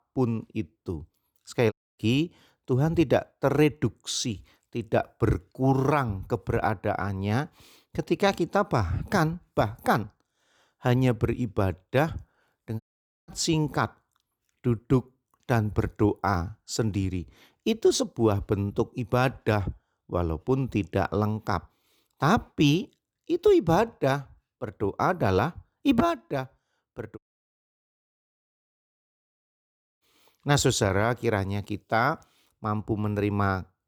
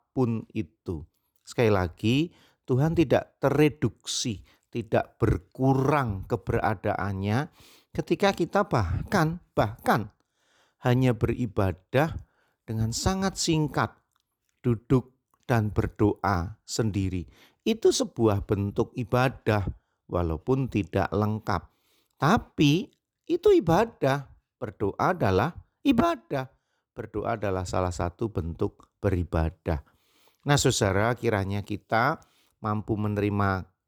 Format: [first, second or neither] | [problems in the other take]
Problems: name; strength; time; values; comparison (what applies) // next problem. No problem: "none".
second | audio cutting out; at 1.5 s, at 13 s and at 27 s for 3 s